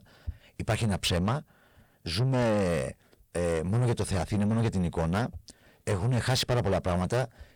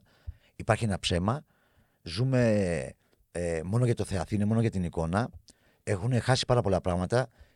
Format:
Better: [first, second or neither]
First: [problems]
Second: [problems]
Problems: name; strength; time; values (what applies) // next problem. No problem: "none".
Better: second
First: distortion; heavy; 8 dB below the speech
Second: none